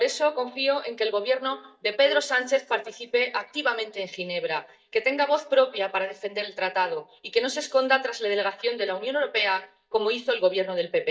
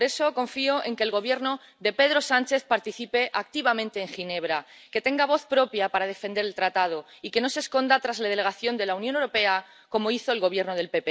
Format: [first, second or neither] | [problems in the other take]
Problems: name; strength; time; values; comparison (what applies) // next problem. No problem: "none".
second | noise reduction (neural mask model DeepFilterNet 3)